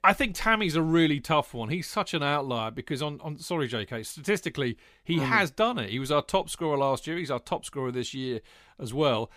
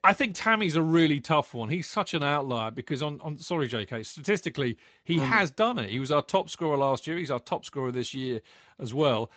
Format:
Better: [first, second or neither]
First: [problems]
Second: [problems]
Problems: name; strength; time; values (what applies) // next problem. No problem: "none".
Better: first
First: none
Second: garbled, watery; slightly; nothing above 8 kHz